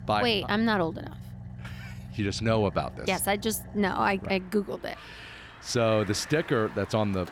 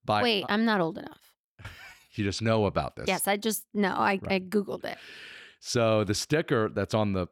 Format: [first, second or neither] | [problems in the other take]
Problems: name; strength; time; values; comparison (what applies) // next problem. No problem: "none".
second | traffic noise; noticeable; throughout; 15 dB below the speech